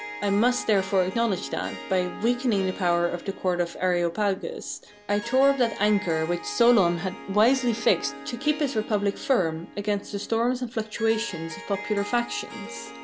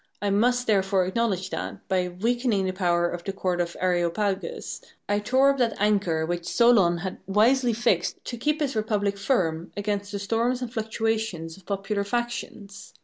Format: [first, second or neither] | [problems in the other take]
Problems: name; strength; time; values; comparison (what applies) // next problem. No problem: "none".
second | background sound (Harp); 14 dB below the speech